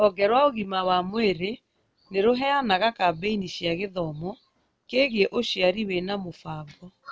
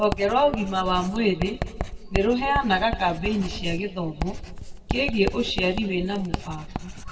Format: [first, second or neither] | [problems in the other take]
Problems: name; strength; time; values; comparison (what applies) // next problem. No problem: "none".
first | background sound (Writing); 7 dB below the speech // room echo; dies away in 1.5 s